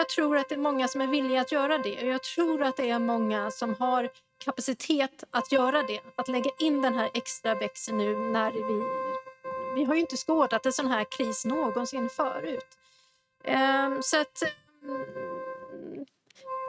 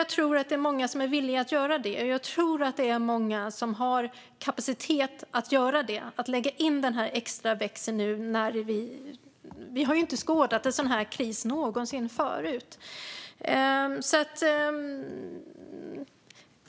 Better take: second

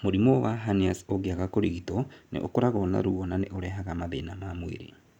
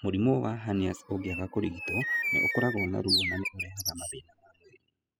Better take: first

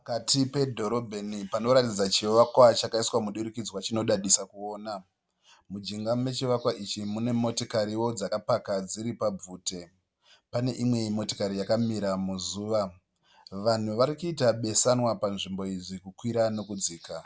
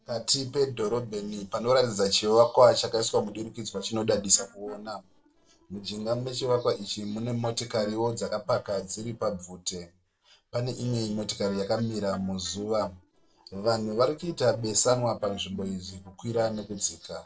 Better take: first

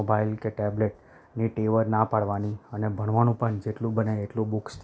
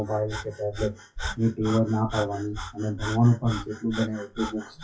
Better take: first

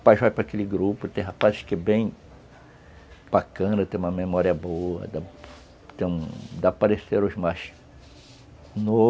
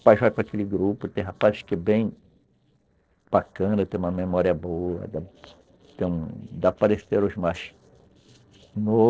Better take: first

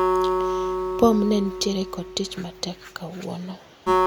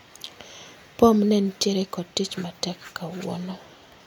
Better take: second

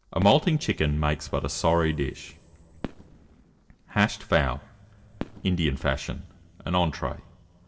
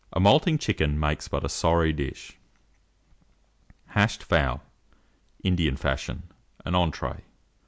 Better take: second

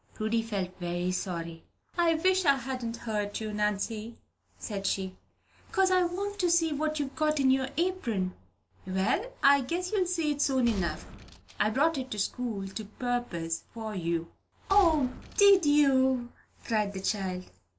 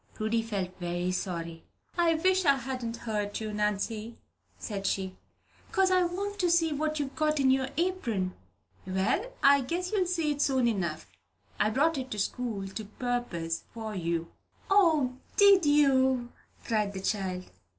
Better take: second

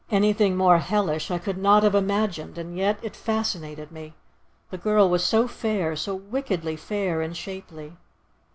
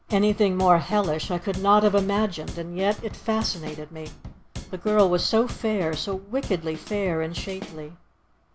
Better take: first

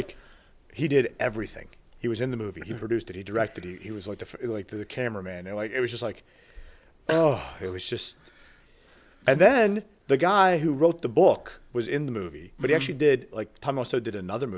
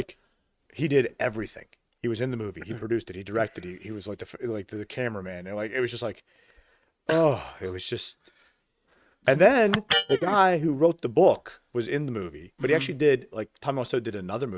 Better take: first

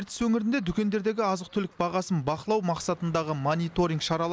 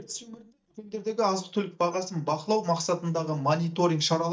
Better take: first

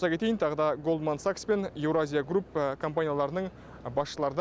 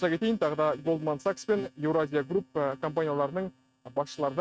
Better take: first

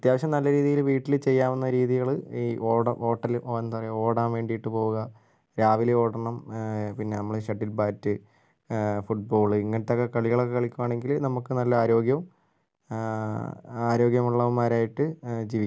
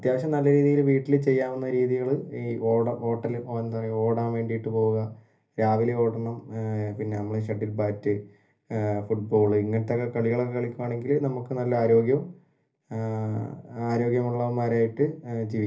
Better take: first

